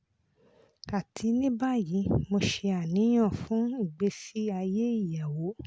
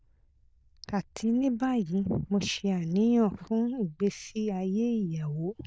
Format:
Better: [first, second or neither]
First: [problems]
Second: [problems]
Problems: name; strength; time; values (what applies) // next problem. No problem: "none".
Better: first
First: none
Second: noise reduction (neural diffusion model UNIVERSE++)